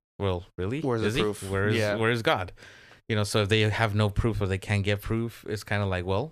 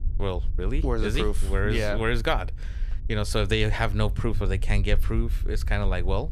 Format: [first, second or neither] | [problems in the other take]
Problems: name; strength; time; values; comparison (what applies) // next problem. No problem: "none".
first | low rumble; faint; throughout; 20 dB below the speech